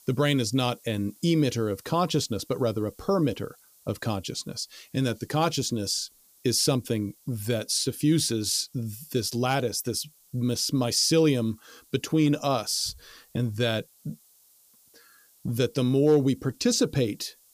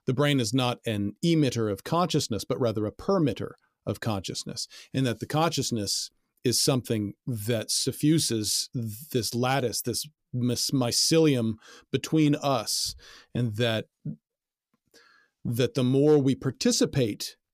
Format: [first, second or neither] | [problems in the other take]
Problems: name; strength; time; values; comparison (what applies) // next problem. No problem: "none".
second | hiss; faint; throughout; 30 dB below the speech